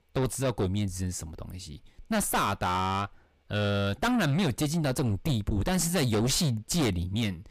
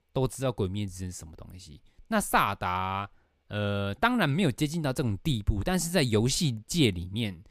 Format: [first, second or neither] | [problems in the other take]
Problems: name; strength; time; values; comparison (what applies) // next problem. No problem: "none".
second | distortion; heavy; 6 dB below the speech